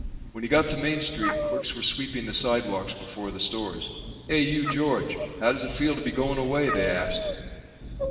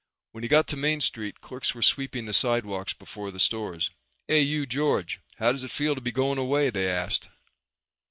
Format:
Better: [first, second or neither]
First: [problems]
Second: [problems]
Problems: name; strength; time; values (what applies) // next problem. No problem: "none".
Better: second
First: background sound (Meow); 7 dB below the speech // room echo; dies away in 2.8 s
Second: none